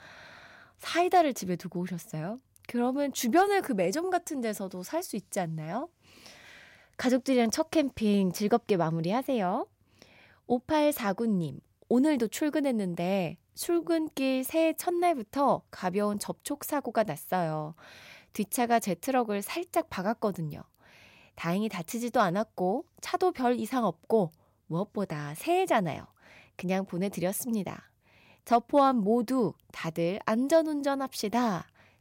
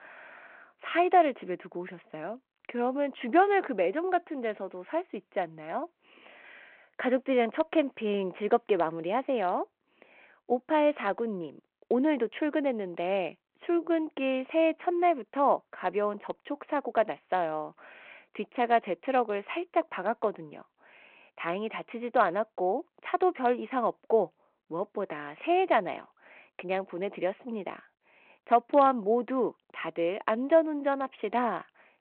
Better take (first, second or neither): first